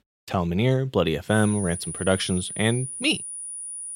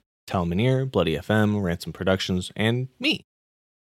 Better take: second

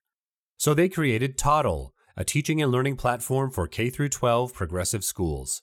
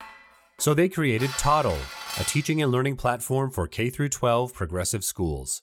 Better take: first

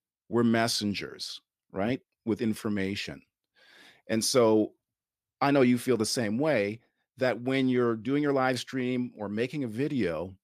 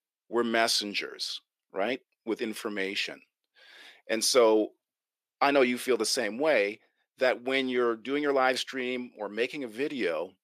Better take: first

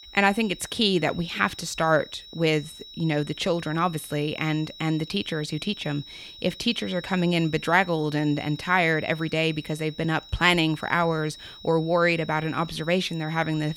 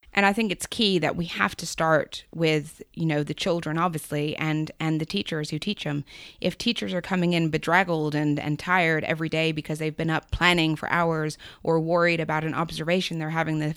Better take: second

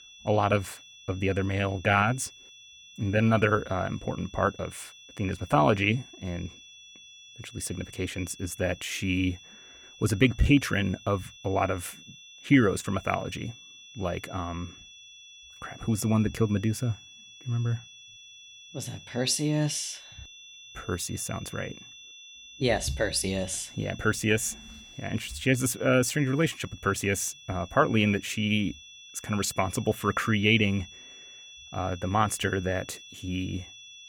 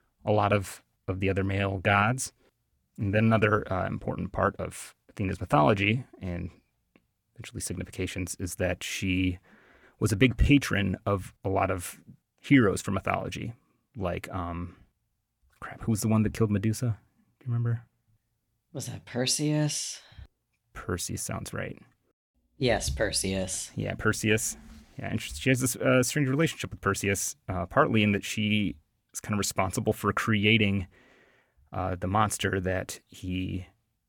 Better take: second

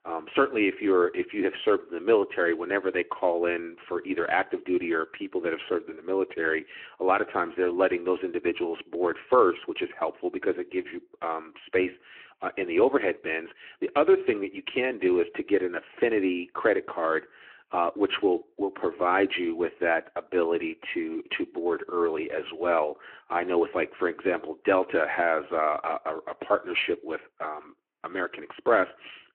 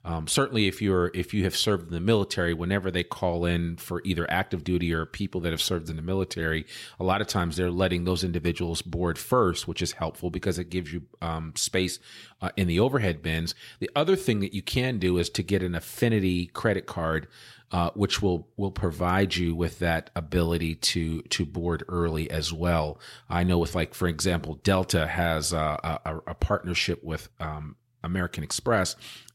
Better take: second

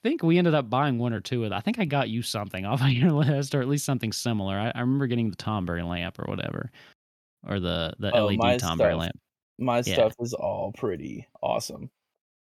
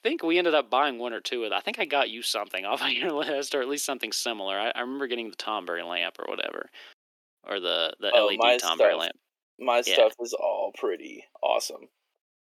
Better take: first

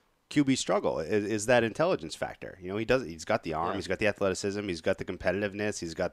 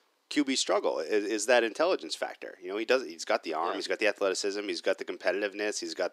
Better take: first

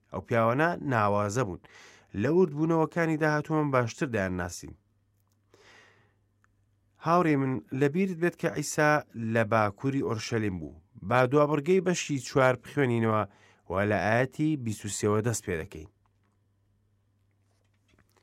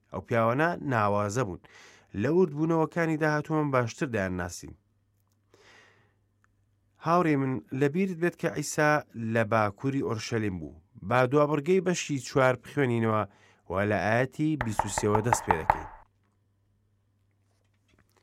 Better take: first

